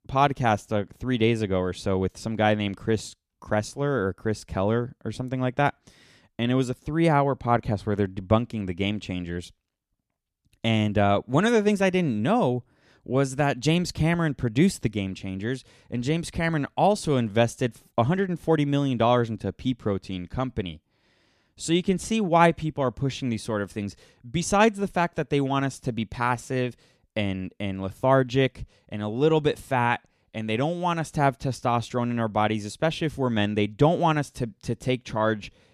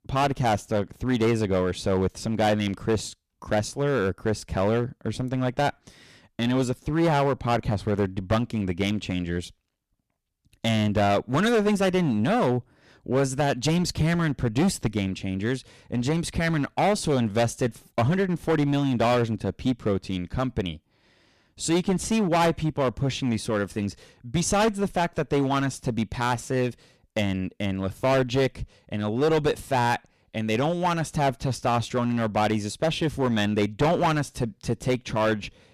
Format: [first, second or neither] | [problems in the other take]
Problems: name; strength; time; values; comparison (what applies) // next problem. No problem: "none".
first | distortion; heavy; 10% of the sound clipped